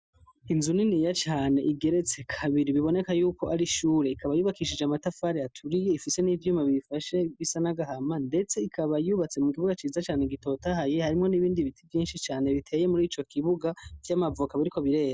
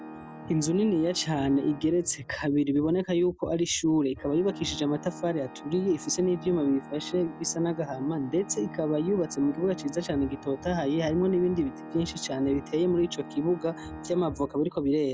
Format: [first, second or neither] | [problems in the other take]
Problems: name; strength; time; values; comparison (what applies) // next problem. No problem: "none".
first | background sound (Organ); 16 dB below the speech